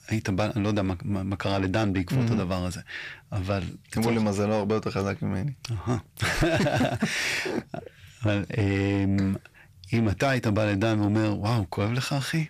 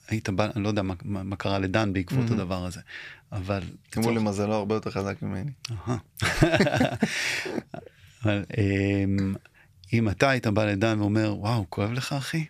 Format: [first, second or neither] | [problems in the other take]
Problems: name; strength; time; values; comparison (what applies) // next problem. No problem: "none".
second | distortion; slight; 10 dB below the speech